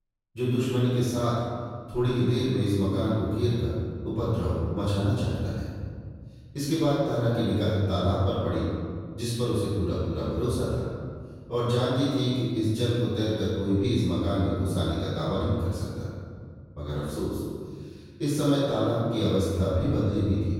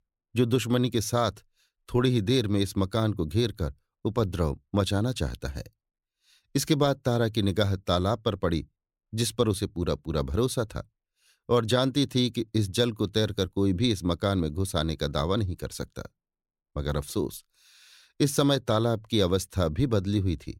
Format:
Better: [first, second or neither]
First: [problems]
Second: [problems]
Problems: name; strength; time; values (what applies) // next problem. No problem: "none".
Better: second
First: room echo; strong; dies away in 2 s // off-mic speech; far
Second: none